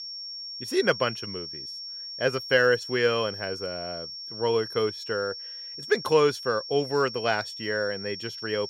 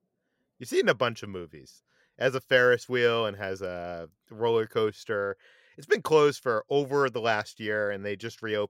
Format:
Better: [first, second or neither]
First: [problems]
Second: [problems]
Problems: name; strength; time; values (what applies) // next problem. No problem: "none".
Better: second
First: high-pitched whine; loud; throughout; 5.5 kHz, 9 dB below the speech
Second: none